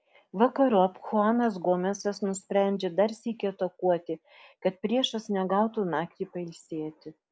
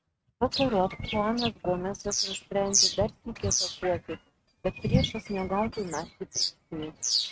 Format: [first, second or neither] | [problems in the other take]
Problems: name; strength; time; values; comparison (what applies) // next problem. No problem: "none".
first | noise reduction (neural mask model RNNoise)